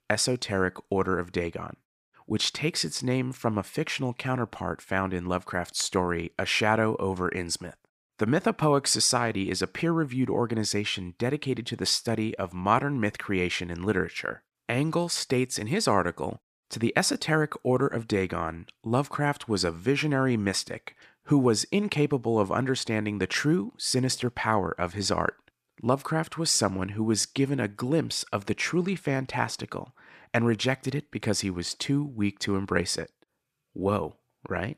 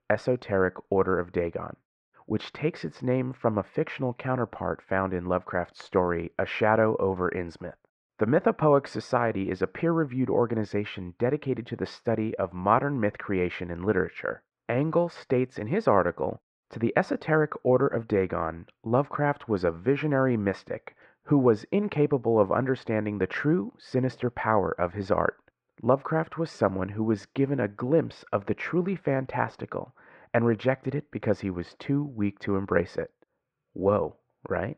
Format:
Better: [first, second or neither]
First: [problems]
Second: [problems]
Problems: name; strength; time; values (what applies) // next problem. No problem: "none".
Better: first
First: none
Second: muffled; very; fading above 1.5 kHz